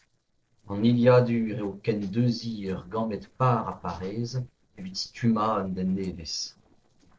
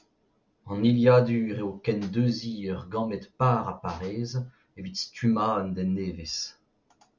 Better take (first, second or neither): second